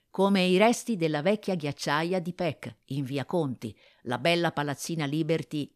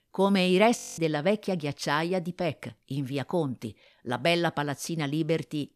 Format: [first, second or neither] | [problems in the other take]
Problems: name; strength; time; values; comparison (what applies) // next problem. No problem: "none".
first | audio freezing; at 1 s